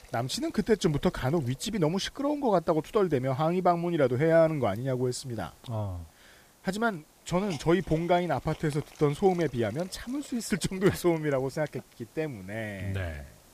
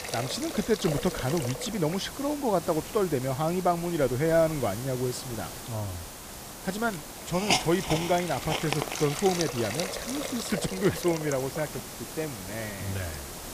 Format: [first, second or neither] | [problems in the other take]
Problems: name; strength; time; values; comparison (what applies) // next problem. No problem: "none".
first | hiss; loud; throughout; 5 dB below the speech; faint in the first